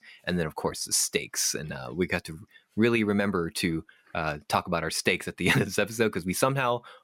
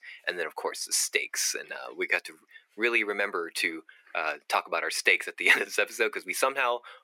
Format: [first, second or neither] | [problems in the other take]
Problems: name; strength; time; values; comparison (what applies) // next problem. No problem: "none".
first | thin; very; fading below 350 Hz